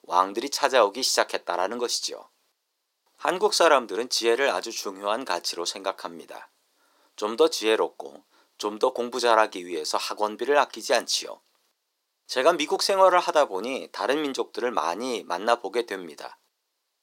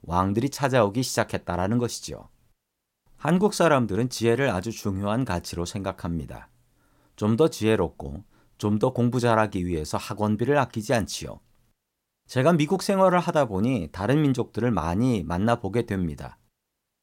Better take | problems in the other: second | thin; very; fading below 350 Hz

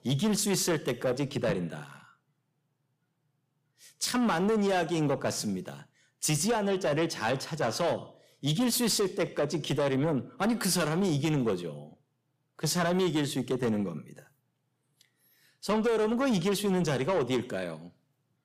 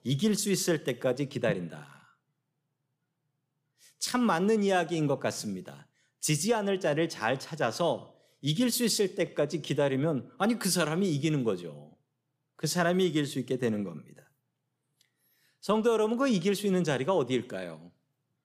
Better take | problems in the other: second | distortion; slight; 10 dB below the speech

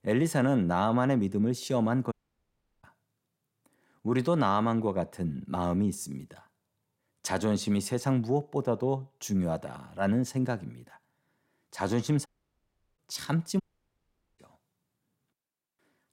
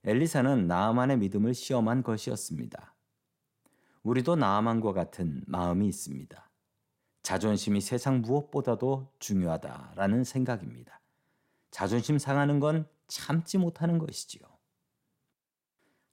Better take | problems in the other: second | audio cutting out; at 2 s for 0.5 s, at 12 s for 0.5 s and at 14 s for 1 s

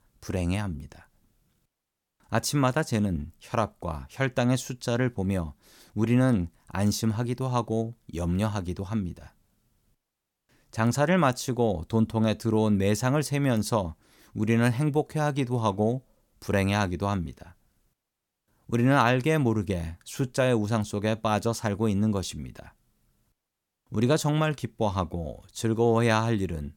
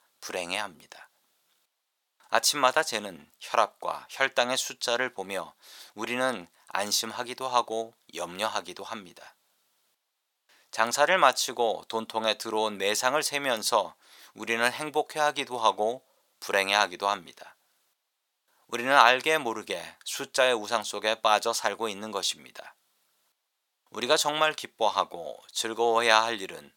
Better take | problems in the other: first | thin; very; fading below 750 Hz

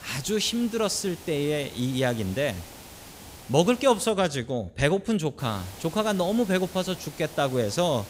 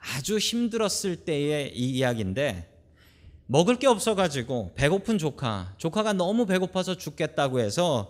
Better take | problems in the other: second | hiss; noticeable; until 4 s and from 5.5 s on; 15 dB below the speech

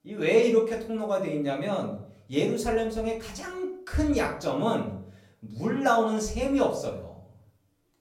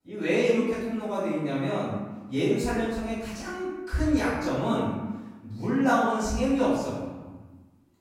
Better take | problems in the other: first | room echo; strong; dies away in 1.1 s; slight in the first // off-mic speech; far; far in the first

